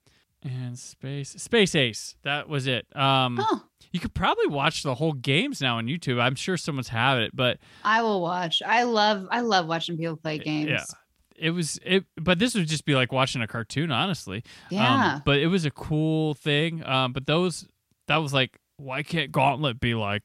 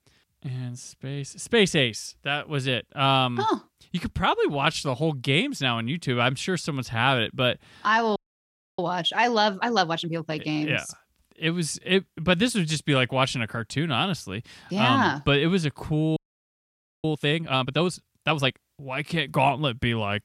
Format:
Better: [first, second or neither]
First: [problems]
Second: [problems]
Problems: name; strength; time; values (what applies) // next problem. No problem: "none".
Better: first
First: none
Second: audio freezing; at 8 s for 0.5 s and at 16 s for 1 s